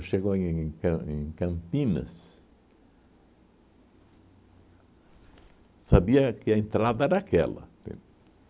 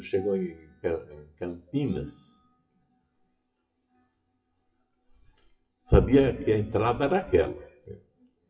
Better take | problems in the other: first | noise reduction (classical method WPE with log-MMSE)

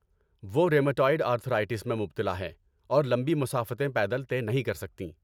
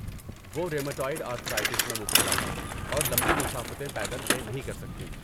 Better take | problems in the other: first | background sound (Bicycle); 4 dB above the speech

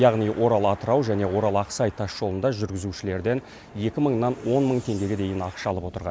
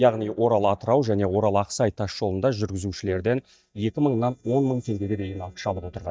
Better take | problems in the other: first | noise reduction (neural mask model DeepFilterNet 3)

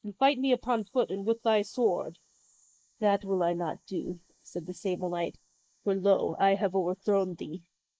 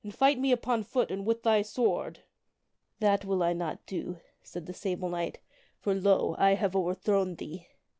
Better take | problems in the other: second | noise reduction (neural mask model Resemble Enhance denoiser)

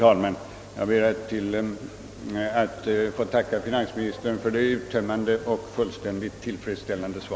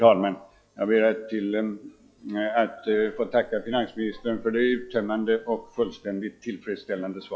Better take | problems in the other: first | noise reduction (classical method log-MMSE)

